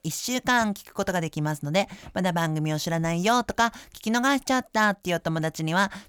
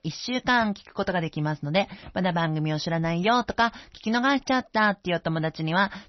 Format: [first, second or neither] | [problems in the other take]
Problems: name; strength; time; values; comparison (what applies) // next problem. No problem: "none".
first | garbled, watery; slightly; nothing above 6 kHz